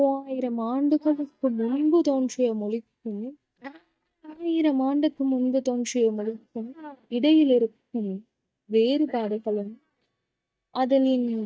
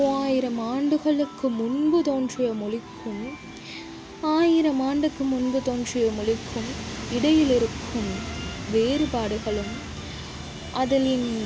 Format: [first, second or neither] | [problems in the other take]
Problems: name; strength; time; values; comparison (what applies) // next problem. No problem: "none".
second | noise reduction (neural mask model DeepFilterNet 3)